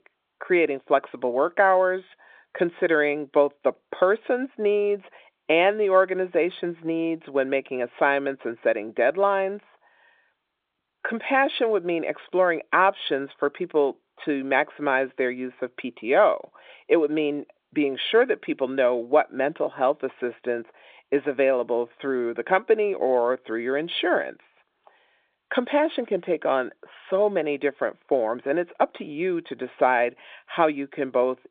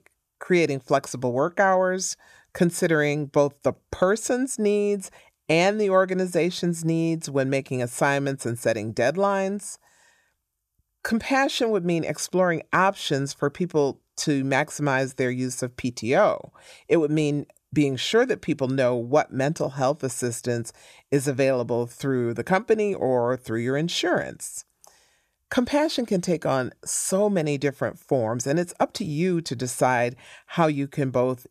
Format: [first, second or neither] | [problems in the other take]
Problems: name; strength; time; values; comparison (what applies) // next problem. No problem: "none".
second | phone-call audio